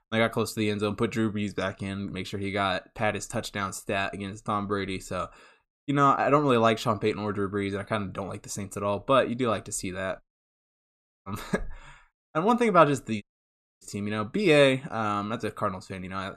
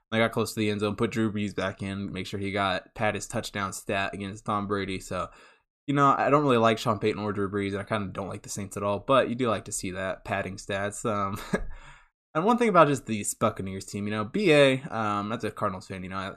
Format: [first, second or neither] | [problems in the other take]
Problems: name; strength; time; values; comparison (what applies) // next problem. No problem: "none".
second | audio cutting out; at 10 s for 1 s and at 13 s for 0.5 s